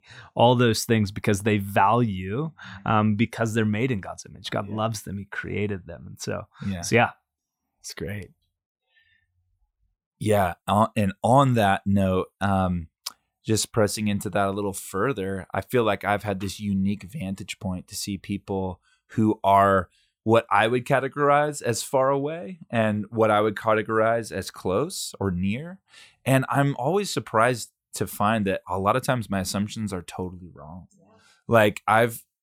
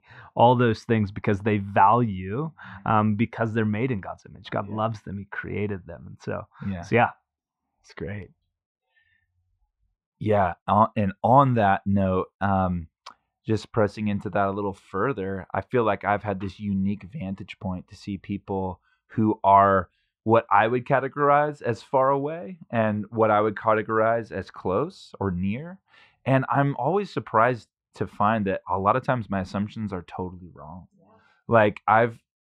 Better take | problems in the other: first | muffled; very; fading above 2.5 kHz

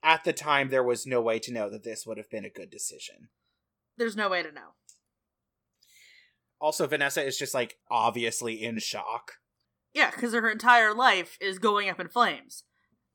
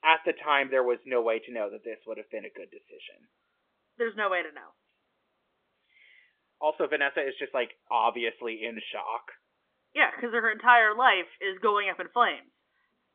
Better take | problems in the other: first | phone-call audio; nothing above 3.5 kHz

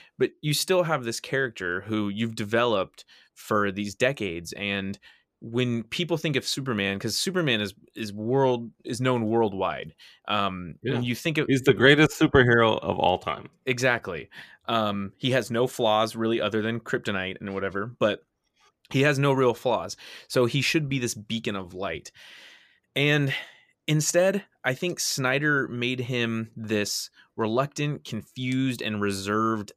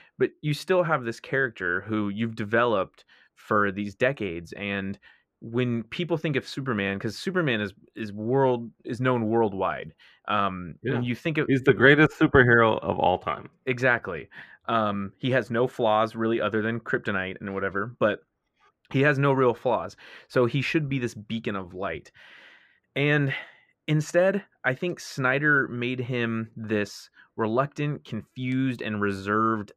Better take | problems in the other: first | muffled; slightly; fading above 3.5 kHz

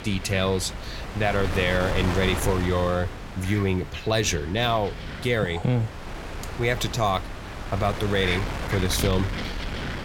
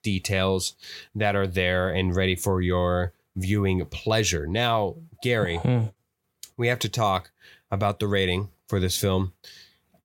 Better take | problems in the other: second | wind noise on the microphone; heavy; 7 dB below the speech

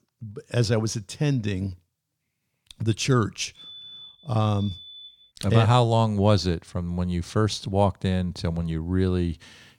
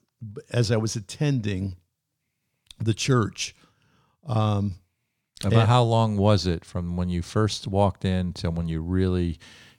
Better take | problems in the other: second | alarm; faint; from 3.5 to 5.5 s; peak 15 dB below the speech

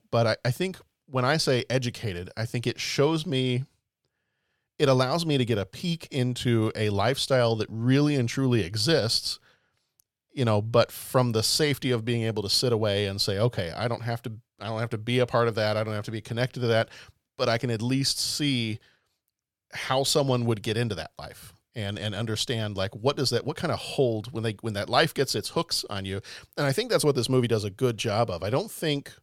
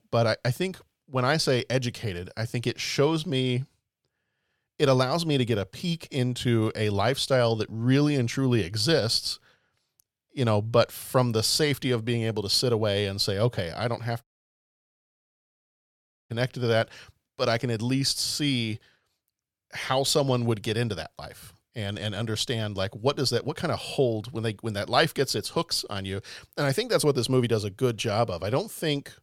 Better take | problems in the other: first | audio cutting out; at 14 s for 2 s

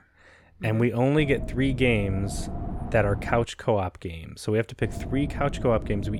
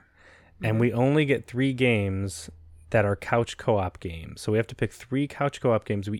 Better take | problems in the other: second | wind noise on the microphone; occasional gusts; from 1 to 3.5 s and from 5 s on; 15 dB below the speech

